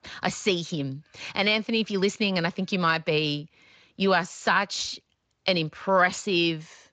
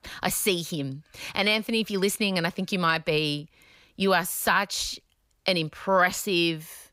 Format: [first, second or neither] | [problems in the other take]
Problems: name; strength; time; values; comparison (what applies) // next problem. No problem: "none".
second | garbled, watery; slightly; nothing above 7.5 kHz